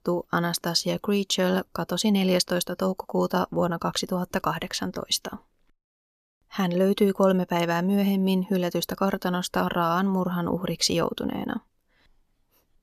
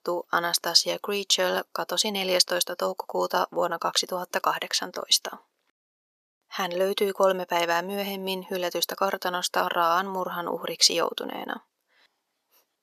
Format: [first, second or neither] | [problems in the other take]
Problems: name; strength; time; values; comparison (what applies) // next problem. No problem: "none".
first | thin; very; fading below 500 Hz